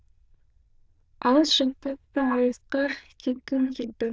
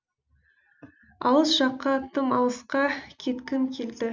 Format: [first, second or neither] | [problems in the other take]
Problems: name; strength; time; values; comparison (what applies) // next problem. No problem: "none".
second | noise reduction (neural diffusion model UNIVERSE++)